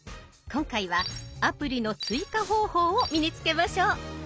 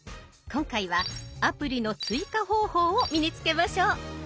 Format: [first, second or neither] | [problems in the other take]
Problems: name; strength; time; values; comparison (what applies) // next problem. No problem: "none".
second | background sound (Breathing); 15 dB below the speech